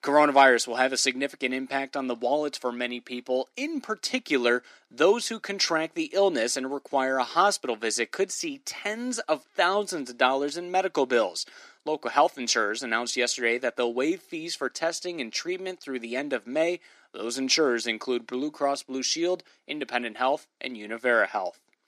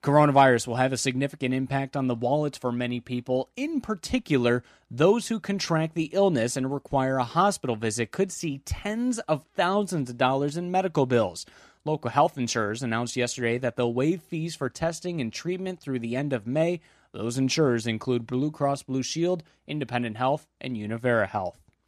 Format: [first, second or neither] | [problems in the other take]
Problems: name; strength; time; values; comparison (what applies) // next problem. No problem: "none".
second | thin; somewhat; fading below 300 Hz